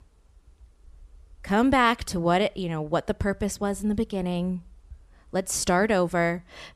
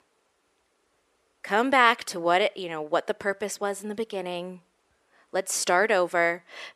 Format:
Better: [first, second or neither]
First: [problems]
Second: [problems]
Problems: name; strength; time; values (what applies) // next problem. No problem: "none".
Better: first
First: none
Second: thin; somewhat; fading below 400 Hz